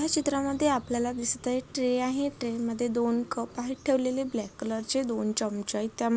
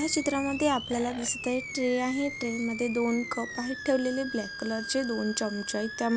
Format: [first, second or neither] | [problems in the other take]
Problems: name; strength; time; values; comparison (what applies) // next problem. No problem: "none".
first | background sound (Animal); 10 dB below the speech